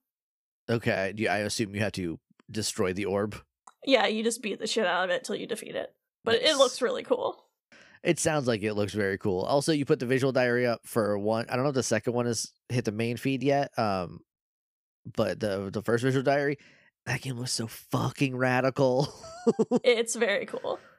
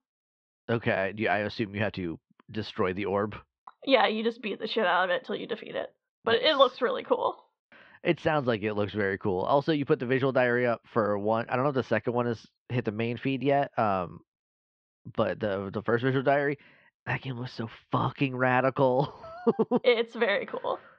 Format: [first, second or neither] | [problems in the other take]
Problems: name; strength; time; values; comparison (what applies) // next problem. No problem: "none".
first | muffled; slightly; fading above 3.5 kHz